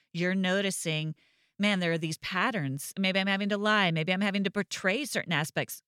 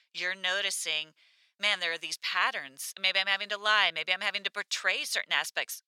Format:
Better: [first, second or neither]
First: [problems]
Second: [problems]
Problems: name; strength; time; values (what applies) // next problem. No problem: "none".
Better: first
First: none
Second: thin; very; fading below 950 Hz